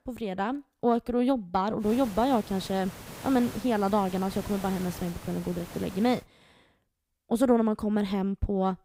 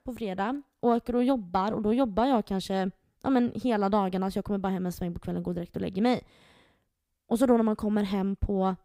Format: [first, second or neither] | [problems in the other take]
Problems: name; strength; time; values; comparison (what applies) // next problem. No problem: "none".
second | hiss; noticeable; from 2 to 6 s; 15 dB below the speech